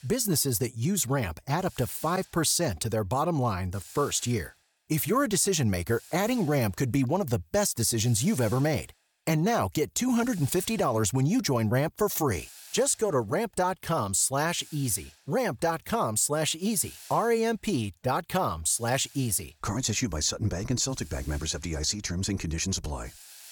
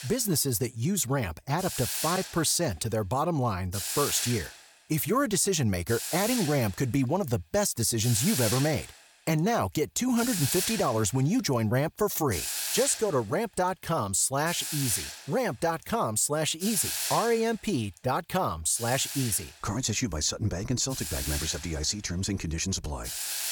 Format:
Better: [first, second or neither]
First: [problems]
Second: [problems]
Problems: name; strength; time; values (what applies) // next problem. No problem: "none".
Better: first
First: hiss; faint; throughout; 20 dB below the speech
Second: hiss; loud; throughout; 5 dB below the speech